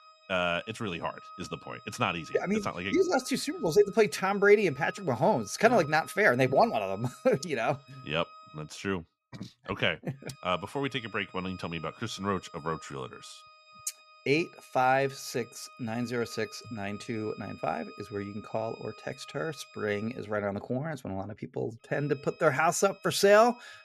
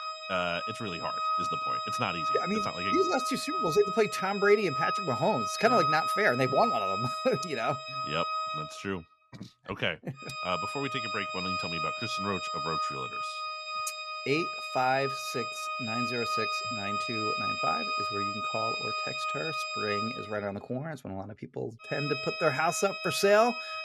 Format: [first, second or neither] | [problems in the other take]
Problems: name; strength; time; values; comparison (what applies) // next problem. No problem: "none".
first | background music; loud; throughout; 1 dB below the speech; faint in the first